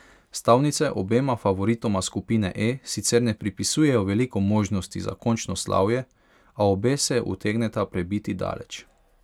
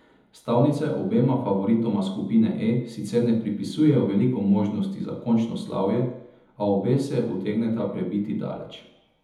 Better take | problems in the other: first | room echo; dies away in 1 s

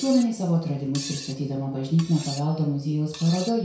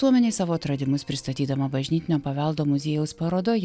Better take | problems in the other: second | background sound (Cutlery, silverware); 16 dB below the speech // room echo; dies away in 0.6 s

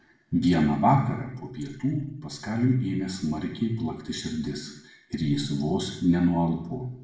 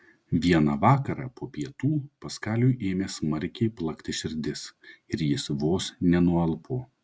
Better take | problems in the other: second | room echo; dies away in 0.7 s

